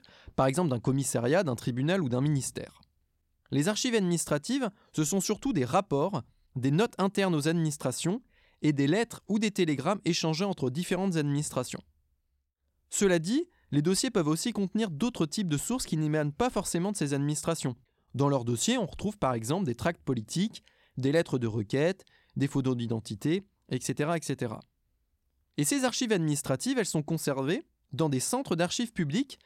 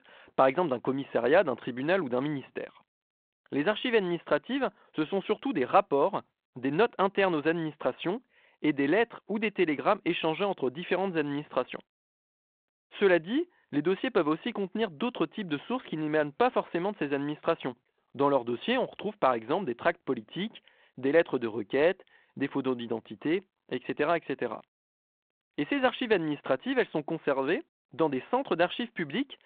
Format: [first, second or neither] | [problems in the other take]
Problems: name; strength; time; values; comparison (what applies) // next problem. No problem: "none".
first | phone-call audio; nothing above 3.5 kHz